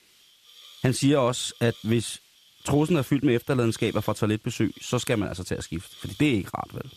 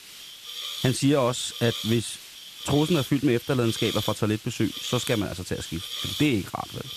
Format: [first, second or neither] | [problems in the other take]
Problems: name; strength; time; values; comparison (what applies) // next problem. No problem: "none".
first | hiss; loud; throughout; 8 dB below the speech; faint in the first